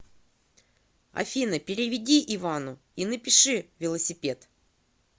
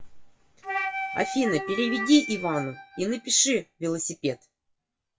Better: first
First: none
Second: noise reduction (classical method WPE with log-MMSE)

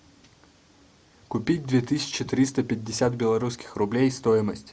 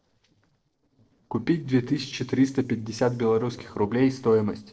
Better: first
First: none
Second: noise reduction (neural separator model SepFormer DNS4)

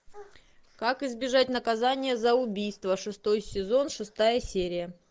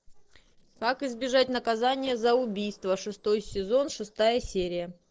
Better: first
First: none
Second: noise reduction (neural separator model SepFormer DNS4)

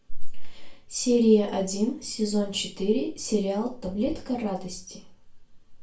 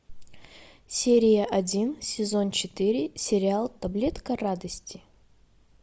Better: second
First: room echo; dies away in 0.3 s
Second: none

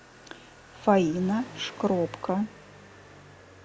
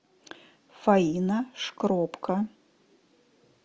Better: second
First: background sound (Motorcycle); 18 dB below the speech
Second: none

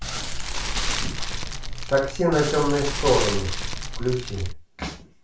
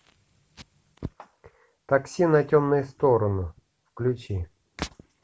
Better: second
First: background sound (Fire); 1 dB below the speech // room echo; dies away in 0.3 s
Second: none

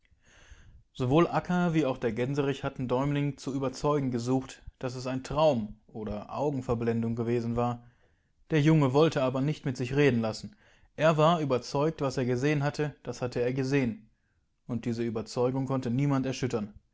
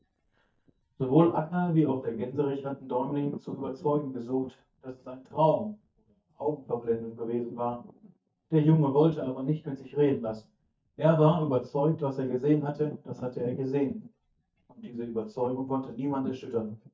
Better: first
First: none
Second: noise reduction (neural mask model DeepFilterNet 3)

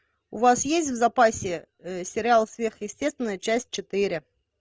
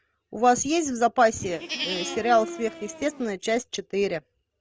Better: first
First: none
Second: background sound (Livestock, farm animals, working animals); 9 dB below the speech

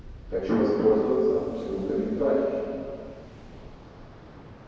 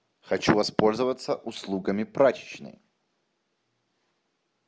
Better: second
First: background sound (Waves, surf); 17 dB below the speech // room echo; dies away in 2.2 s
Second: none

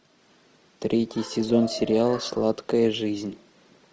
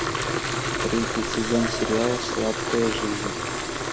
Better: first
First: none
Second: background sound (Fill (with liquid) / Water tap, faucet); as loud as the speech

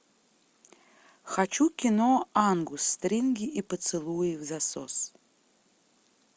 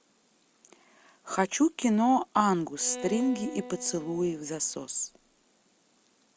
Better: first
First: none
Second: background sound (Bowed string instrument); 13 dB below the speech

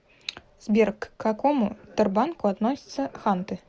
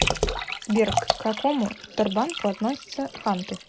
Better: first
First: none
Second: background sound (Liquid); 4 dB below the speech

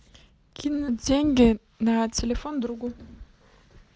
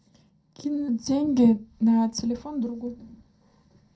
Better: first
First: none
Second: room echo; dies away in 0.2 s

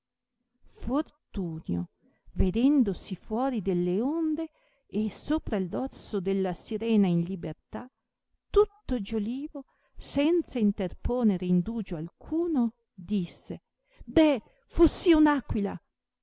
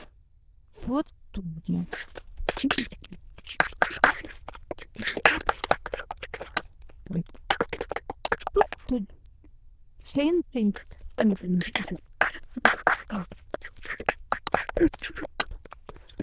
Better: first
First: none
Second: noise reduction (neural diffusion model UNIVERSE++)

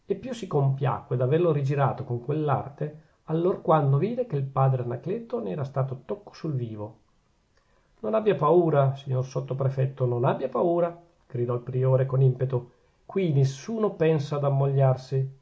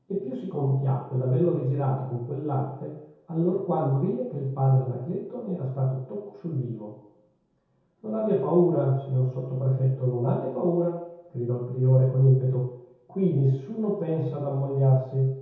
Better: first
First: none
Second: room echo; dies away in 0.8 s

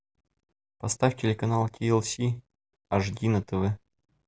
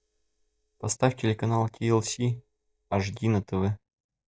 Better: first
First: none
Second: noise reduction (neural mask model DeepFilterNet 3)

